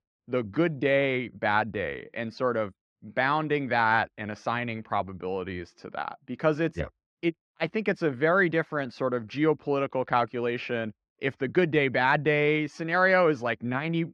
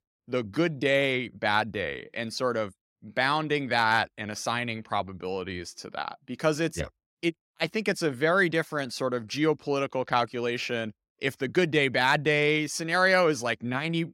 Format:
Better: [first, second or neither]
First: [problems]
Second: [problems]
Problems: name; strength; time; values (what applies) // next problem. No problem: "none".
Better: second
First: muffled; slightly; fading above 2.5 kHz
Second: none